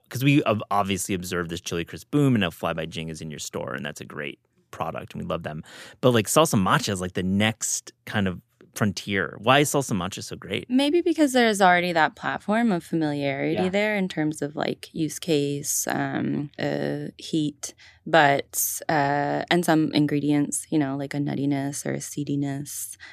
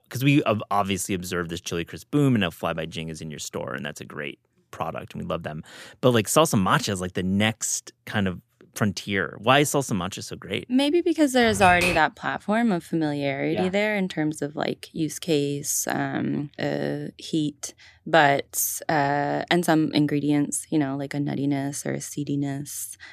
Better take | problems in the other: first | keyboard typing; loud; at 11 s; peak level with the speech

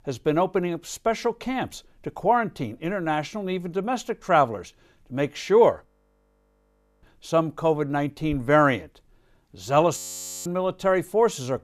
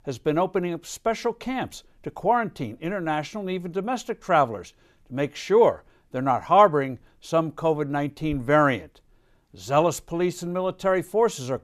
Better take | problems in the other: second | audio freezing; at 6 s for 1 s and at 10 s

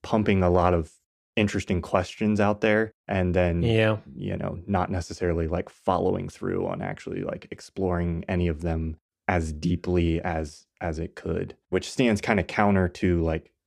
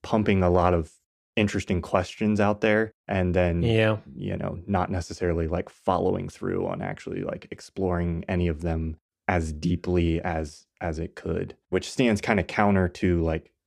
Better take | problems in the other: neither | none

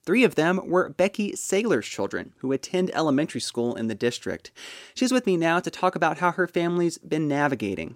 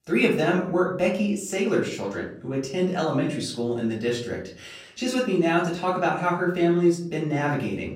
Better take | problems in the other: first | off-mic speech; far // room echo; slight; dies away in 0.5 s

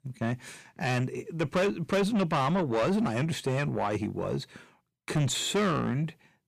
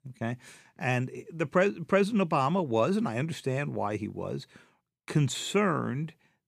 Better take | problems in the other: second | distortion; heavy; 8 dB below the speech

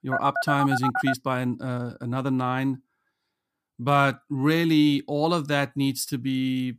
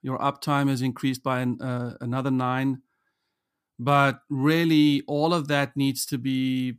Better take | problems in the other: second | phone ringing; noticeable; until 1 s; peak 1 dB below the speech

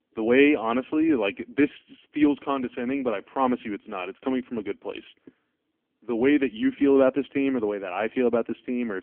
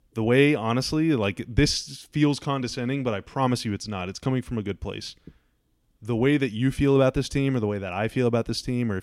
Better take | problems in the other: second | phone-call audio; poor line

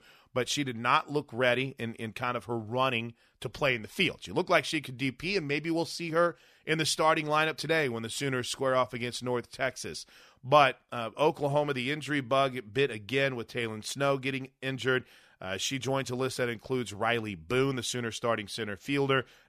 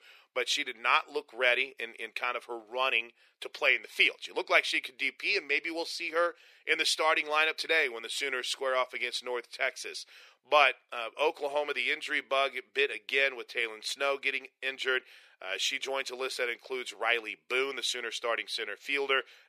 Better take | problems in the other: first | thin; very; fading below 400 Hz

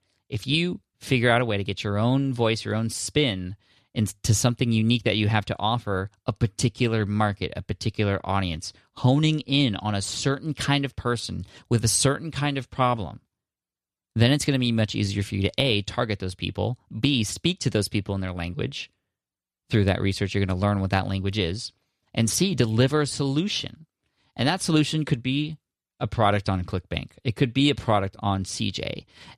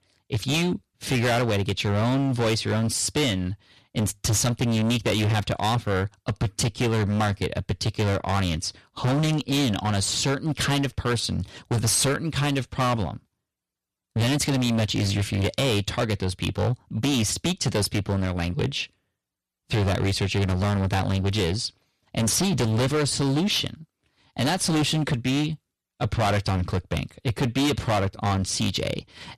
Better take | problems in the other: first | distortion; heavy; 20% of the sound clipped

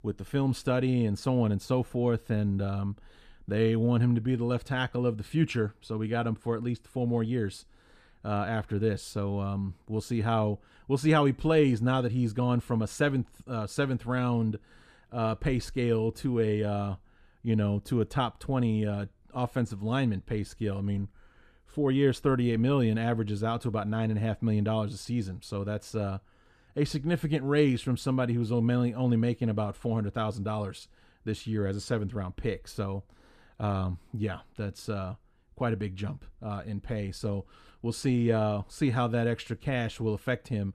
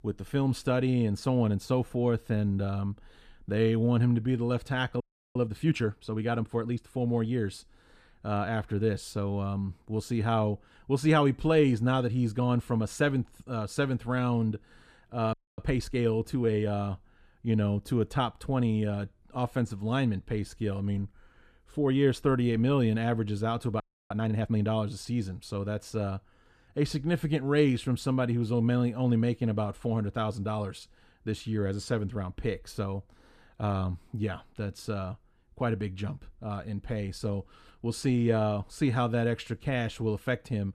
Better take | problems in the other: first | audio freezing; at 5 s, at 15 s and at 24 s

